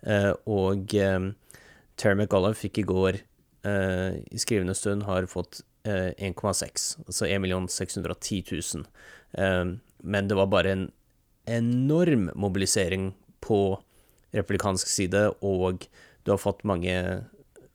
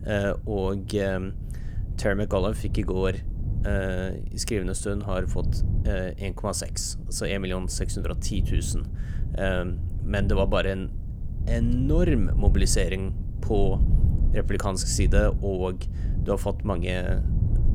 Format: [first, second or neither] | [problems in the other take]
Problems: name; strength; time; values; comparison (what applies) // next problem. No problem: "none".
first | wind noise on the microphone; occasional gusts; 15 dB below the speech